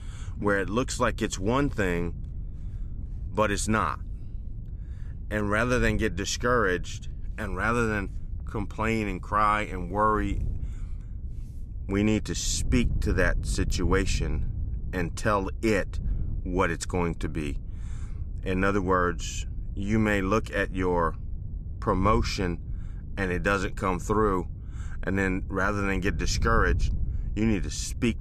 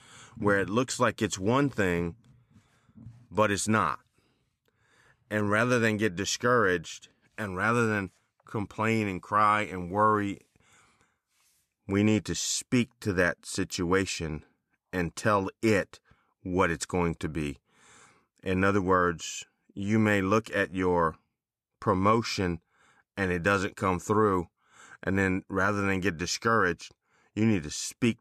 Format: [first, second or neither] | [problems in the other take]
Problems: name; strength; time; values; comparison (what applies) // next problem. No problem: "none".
second | wind noise on the microphone; occasional gusts; 25 dB below the speech